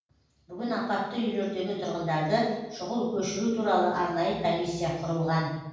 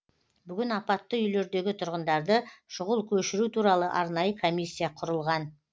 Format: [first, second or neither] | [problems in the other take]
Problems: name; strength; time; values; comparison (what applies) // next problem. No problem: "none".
second | room echo; dies away in 1.2 s